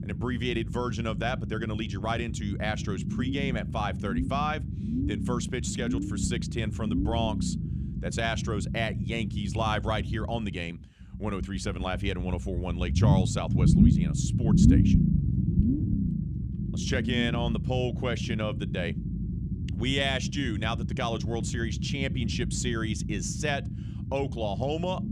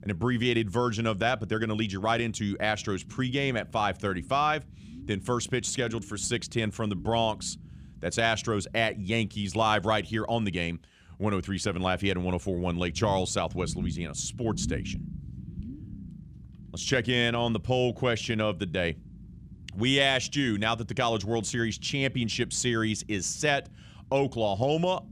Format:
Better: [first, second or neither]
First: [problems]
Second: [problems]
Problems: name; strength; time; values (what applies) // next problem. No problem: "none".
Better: second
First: low rumble; loud; throughout; 6 dB below the speech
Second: low rumble; faint; throughout; 25 dB below the speech